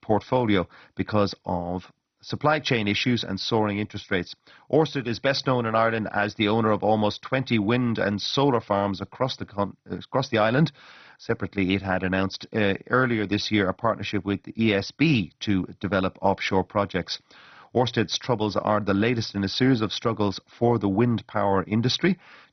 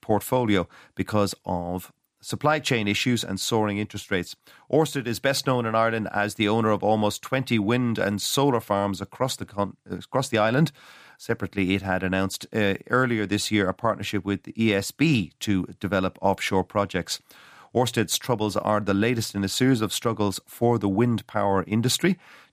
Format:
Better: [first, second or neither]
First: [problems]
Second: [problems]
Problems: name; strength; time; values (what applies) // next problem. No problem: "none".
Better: second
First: garbled, watery; badly; nothing above 6 kHz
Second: none